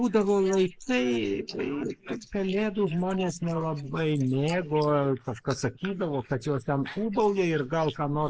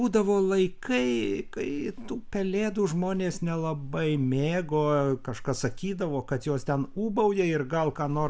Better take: second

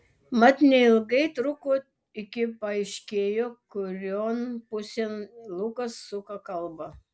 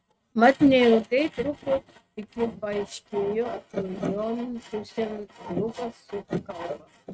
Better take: first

